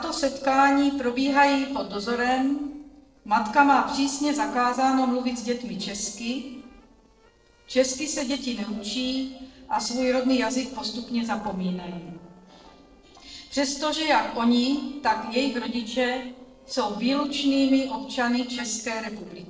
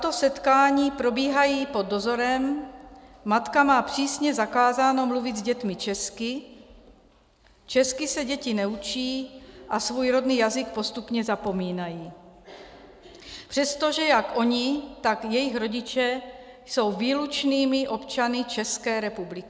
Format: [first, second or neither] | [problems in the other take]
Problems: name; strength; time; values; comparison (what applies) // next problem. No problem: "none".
second | noise reduction (neural separator model SepFormer DNS4)